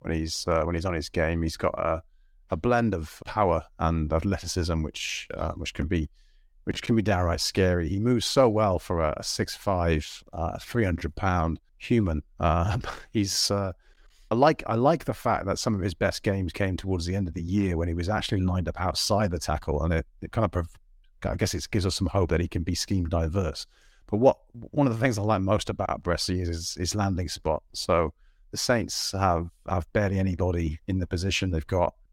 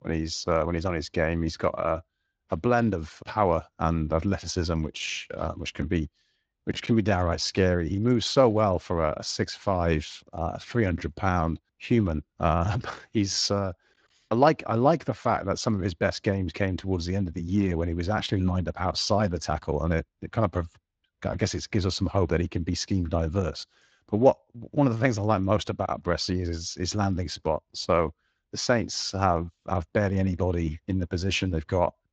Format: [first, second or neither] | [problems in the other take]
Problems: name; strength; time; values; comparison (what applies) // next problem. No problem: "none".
first | garbled, watery; slightly